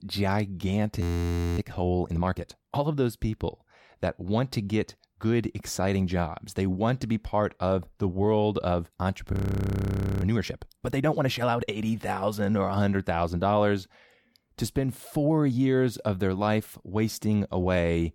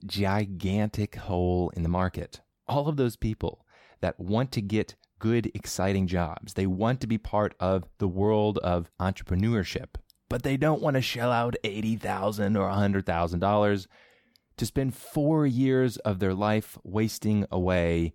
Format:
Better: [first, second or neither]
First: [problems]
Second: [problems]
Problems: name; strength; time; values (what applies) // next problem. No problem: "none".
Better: second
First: audio freezing; at 1 s for 0.5 s and at 9.5 s for 1 s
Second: none